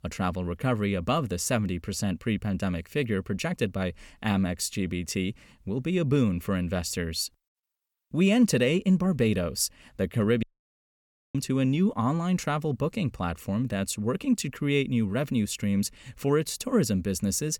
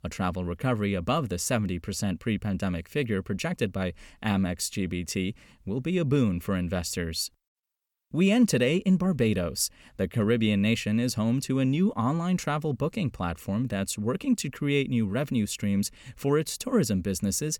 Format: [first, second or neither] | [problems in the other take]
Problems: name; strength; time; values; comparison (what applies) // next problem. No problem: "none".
second | audio cutting out; at 10 s for 1 s